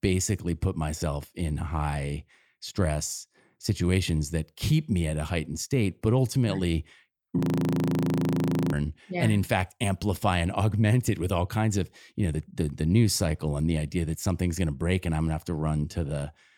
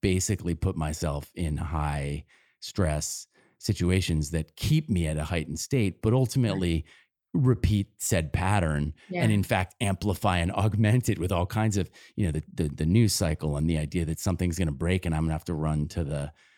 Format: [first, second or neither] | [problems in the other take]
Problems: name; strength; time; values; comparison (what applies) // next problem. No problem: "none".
second | audio freezing; at 7.5 s for 1.5 s